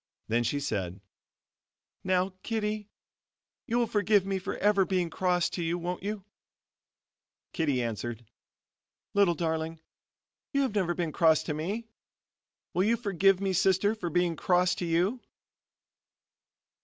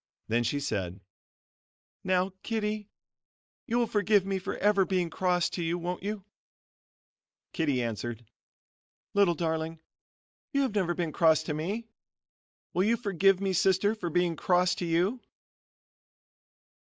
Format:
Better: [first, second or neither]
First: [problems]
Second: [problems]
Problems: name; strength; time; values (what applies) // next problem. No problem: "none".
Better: first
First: none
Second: noise reduction (neural mask model Resemble Enhance denoiser)